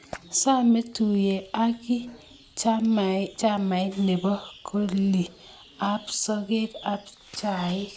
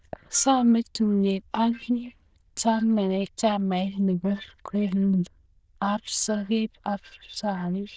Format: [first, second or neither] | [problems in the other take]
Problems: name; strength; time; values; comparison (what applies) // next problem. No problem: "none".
first | noise reduction (neural diffusion model UNIVERSE++)